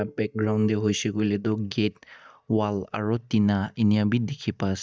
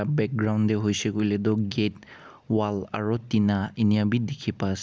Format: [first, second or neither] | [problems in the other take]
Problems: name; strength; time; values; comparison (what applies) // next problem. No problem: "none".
second | noise reduction (neural mask model DeepFilterNet 3)